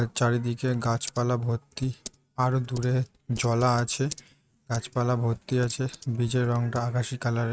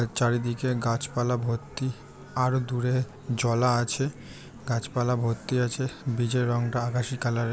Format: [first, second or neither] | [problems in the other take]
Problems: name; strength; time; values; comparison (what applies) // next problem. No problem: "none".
second | noise reduction (neural mask model RNNoise)